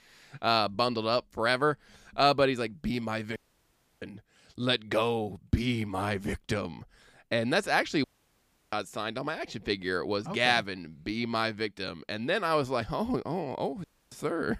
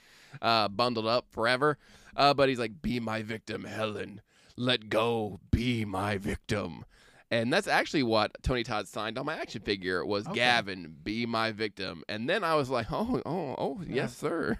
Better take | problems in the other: second | audio cutting out; at 3.5 s for 0.5 s, at 8 s for 0.5 s and at 14 s

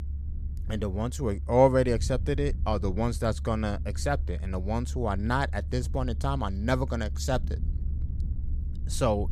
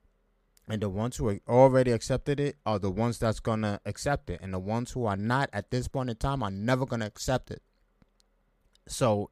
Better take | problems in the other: second | low rumble; faint; throughout; 20 dB below the speech

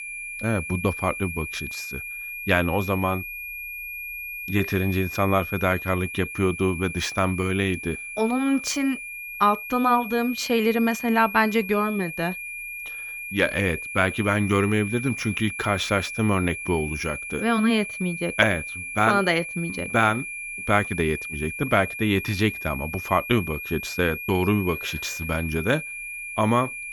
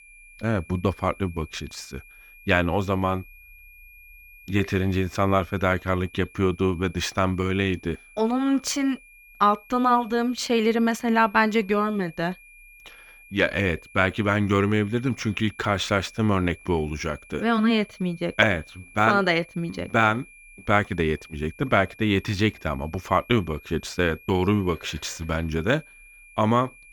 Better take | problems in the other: second | high-pitched whine; loud; throughout; 2.5 kHz, 8 dB below the speech; faint in the second

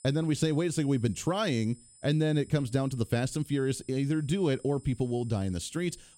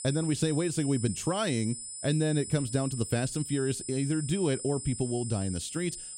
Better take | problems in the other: first | high-pitched whine; loud; throughout; 9 kHz, 8 dB below the speech; faint in the first

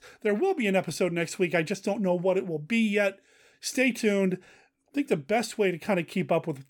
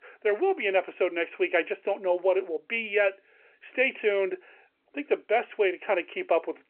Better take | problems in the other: first | phone-call audio

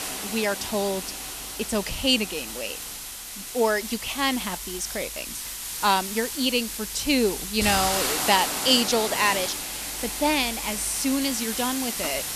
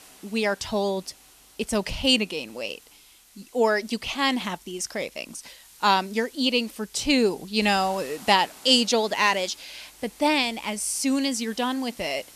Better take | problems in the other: second | hiss; loud; throughout; 4 dB below the speech; faint in the second

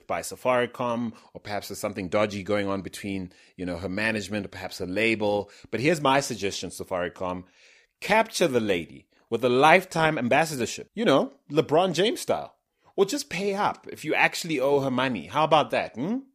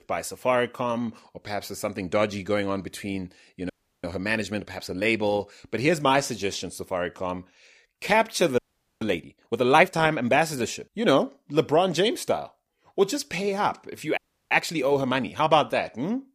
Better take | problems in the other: first | audio freezing; at 3.5 s, at 8.5 s and at 14 s

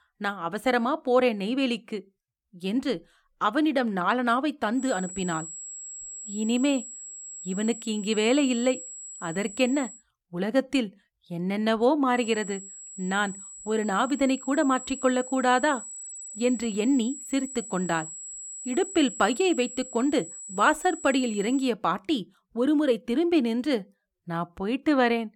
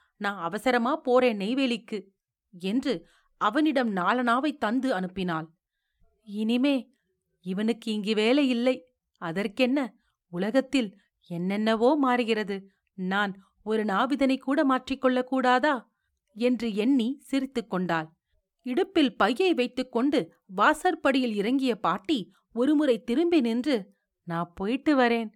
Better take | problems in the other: second | high-pitched whine; noticeable; from 5 to 10 s and from 12 to 22 s; 8 kHz, 10 dB below the speech

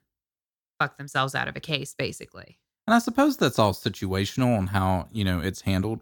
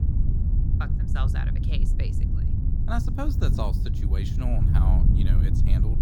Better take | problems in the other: first | wind noise on the microphone; heavy; 2 dB below the speech

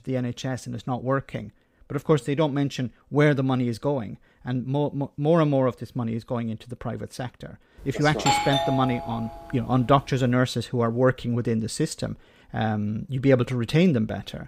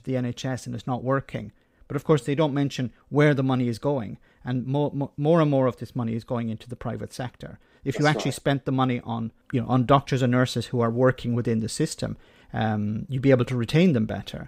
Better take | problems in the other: second | doorbell; loud; from 8 to 9 s; peak 3 dB above the speech

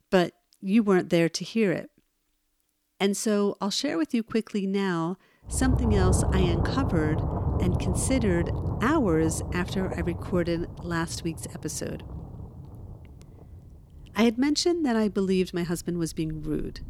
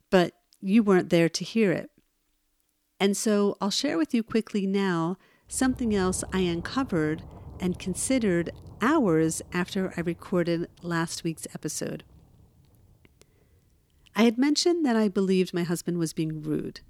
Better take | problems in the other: second | low rumble; loud; from 5.5 s on; 7 dB below the speech; faint in the second

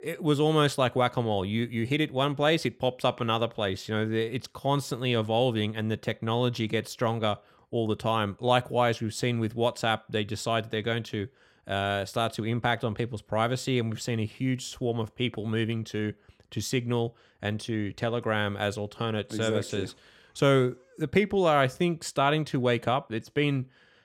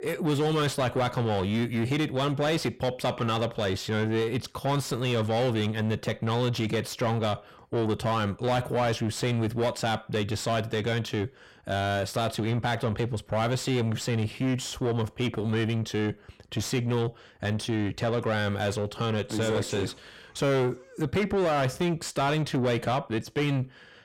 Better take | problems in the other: first | distortion; heavy; 7 dB below the speech

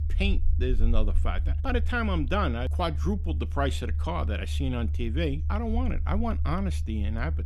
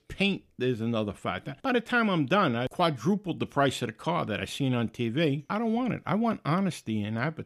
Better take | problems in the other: second | low rumble; noticeable; throughout; 15 dB below the speech

